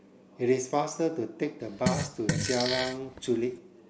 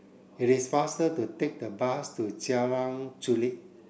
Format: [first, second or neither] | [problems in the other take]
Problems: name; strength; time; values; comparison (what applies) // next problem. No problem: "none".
second | background sound (Fart); 2 dB below the speech